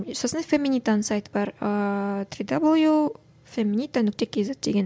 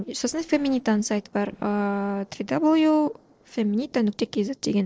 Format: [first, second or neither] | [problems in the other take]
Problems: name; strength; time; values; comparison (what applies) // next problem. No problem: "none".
first | noise reduction (neural separator model SepFormer DNS4)